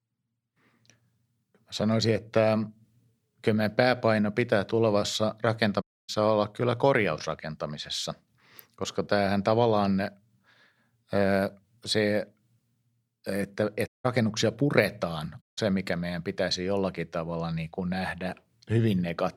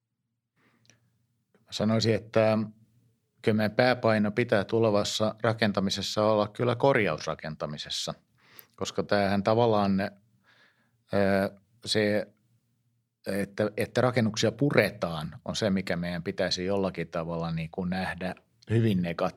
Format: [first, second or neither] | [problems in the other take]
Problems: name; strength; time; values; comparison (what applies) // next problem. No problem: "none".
second | audio cutting out; at 6 s, at 14 s and at 15 s